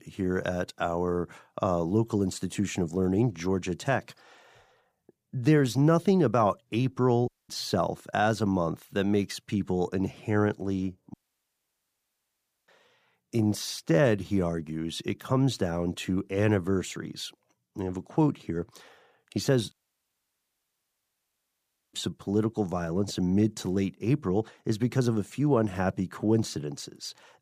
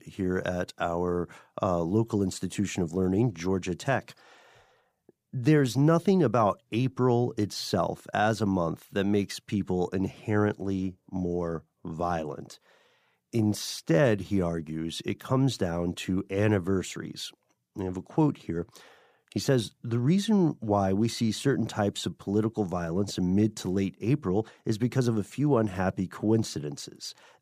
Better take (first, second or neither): second